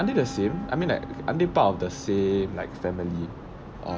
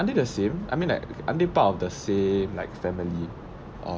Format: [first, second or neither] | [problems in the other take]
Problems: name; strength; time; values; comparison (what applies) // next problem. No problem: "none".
second | background sound (Wind instrument, woodwind instrument); 15 dB below the speech